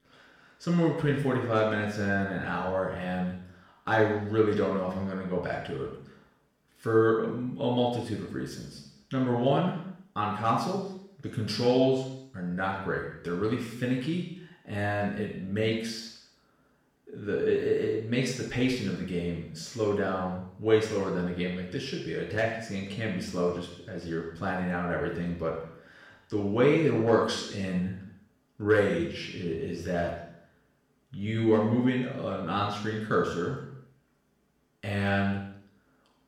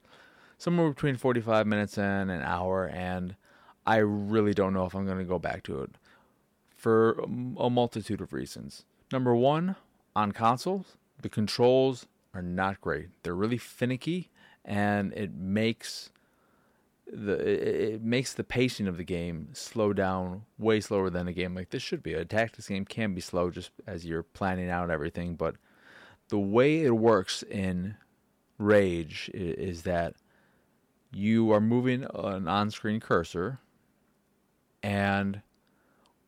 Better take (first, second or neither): second